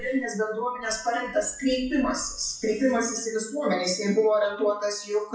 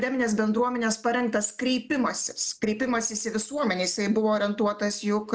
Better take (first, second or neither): second